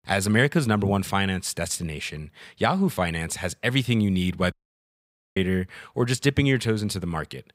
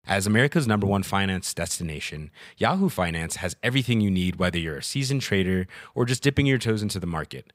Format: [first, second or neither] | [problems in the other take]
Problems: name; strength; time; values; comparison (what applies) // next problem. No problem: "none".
second | audio cutting out; at 4.5 s for 1 s